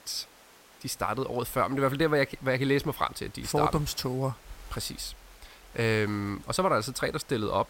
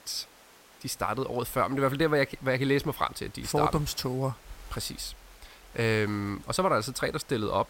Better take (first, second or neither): neither